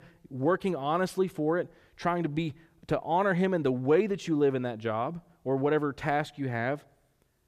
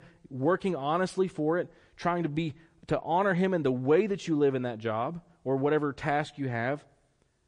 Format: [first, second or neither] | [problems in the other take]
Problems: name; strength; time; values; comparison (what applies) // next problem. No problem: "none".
first | garbled, watery; slightly; nothing above 8.5 kHz